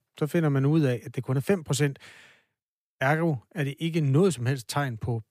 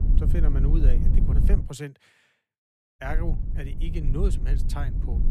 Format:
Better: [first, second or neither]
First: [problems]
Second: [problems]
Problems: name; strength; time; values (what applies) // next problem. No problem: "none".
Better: first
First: none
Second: wind noise on the microphone; heavy; until 1.5 s and from 3 s on; 4 dB below the speech